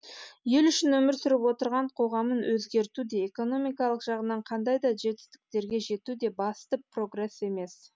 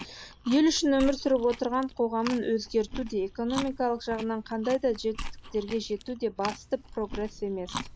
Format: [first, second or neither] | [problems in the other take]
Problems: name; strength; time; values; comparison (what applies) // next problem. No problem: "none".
first | background sound (Chewing, mastication); 12 dB below the speech